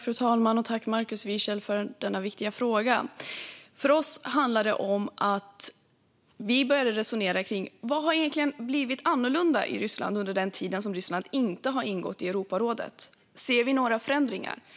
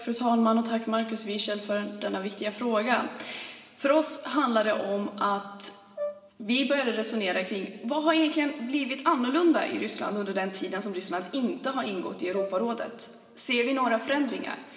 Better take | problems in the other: first | background sound (Brass instrument); 12 dB below the speech // room echo; dies away in 2.1 s

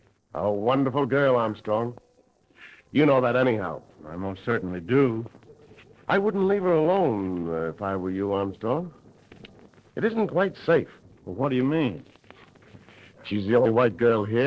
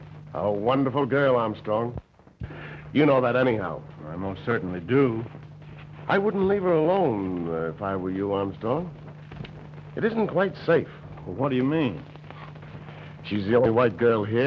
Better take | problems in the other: second | noise reduction (neural separator model SepFormer DNS4)

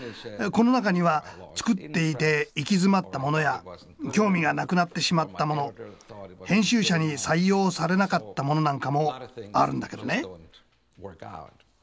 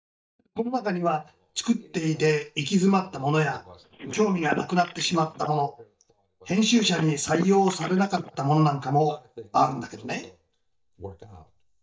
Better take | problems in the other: first | noise reduction (neural mask model DeepFilterNet 3)

